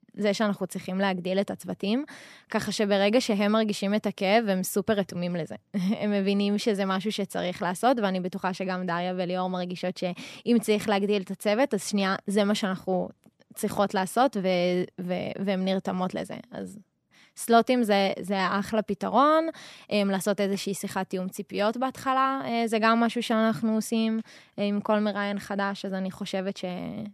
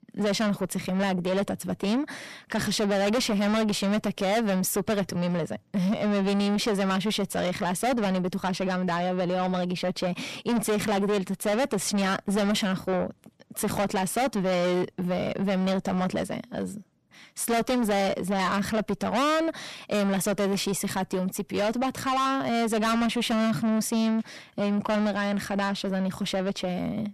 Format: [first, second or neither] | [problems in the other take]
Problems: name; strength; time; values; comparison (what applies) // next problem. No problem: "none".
first | distortion; heavy; 6 dB below the speech